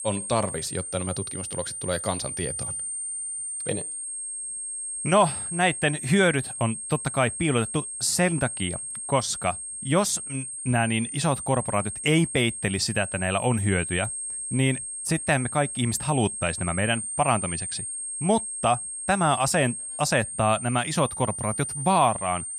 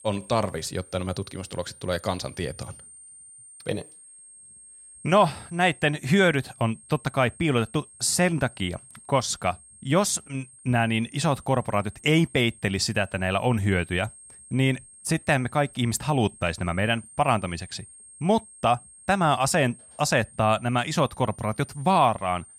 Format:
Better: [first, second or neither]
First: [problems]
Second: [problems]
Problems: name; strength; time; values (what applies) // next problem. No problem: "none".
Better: second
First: high-pitched whine; loud; throughout; 8.5 kHz, 5 dB below the speech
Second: high-pitched whine; faint; throughout; 8.5 kHz, 20 dB below the speech